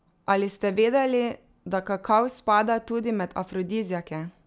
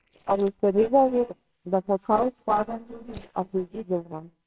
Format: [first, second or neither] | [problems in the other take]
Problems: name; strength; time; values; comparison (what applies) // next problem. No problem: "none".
first | noise reduction (neural separator model SepFormer WHAMR!)